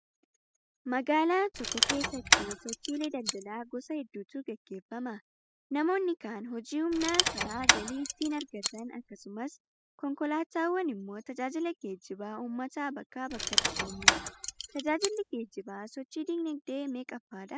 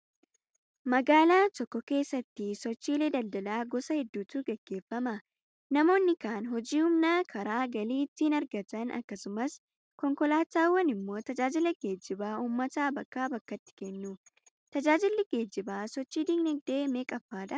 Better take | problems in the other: second | noise reduction (classical method spectral subtraction)

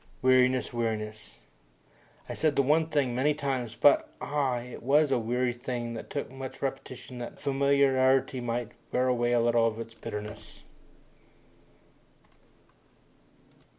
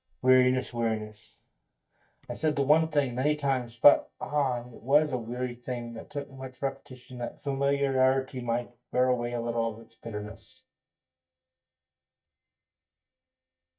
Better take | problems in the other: first | noise reduction (neural mask model DeepFilterNet 3)

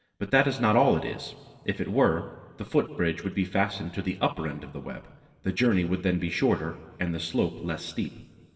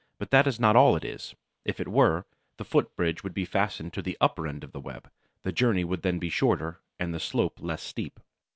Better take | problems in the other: second | room echo; dies away in 2.2 s

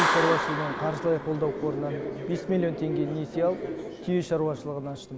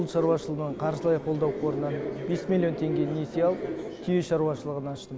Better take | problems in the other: second | background sound (Clapping); 5 dB below the speech

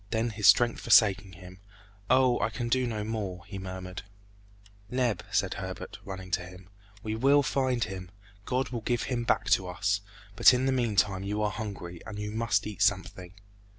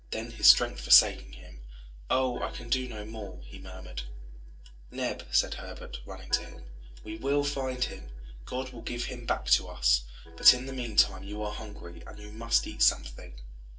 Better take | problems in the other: first | noise reduction (neural separator model SepFormer DNS4)

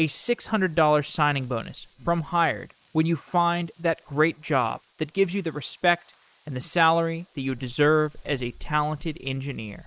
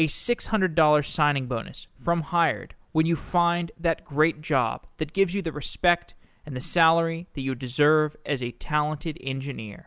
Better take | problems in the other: second | noise reduction (neural mask model Resemble Enhance denoiser)

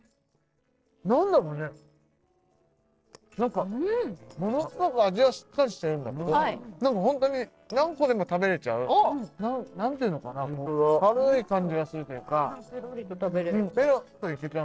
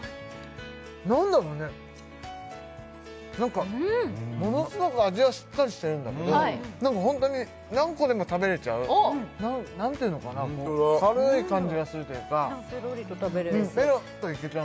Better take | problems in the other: second | noise reduction (neural separator model SepFormer DNS4)

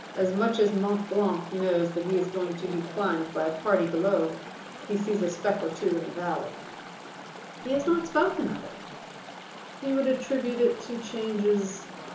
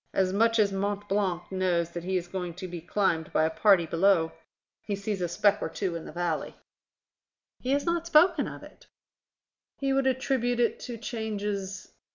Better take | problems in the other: second | background sound (Chatter / Stream); 14 dB below the speech // room echo; dies away in 0.8 s

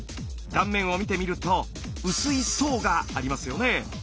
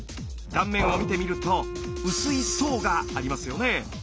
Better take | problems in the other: first | background sound (Wind instrument, woodwind instrument + Liquid); 7 dB below the speech

